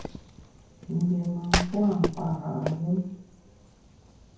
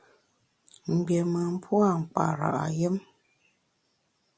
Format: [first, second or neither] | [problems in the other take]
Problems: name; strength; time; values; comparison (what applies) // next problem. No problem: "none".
second | background sound (Wood); 5 dB below the speech // room echo; dies away in 0.9 s